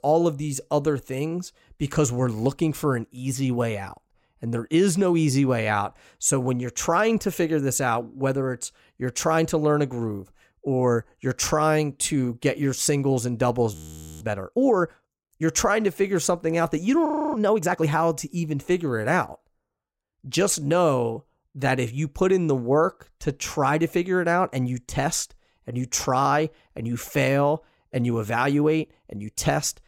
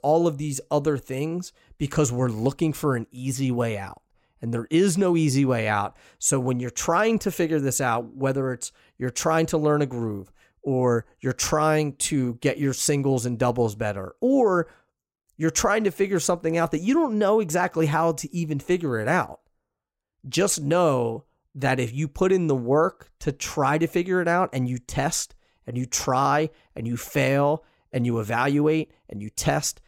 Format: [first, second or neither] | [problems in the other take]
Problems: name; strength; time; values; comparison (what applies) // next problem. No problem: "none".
second | audio freezing; at 14 s and at 17 s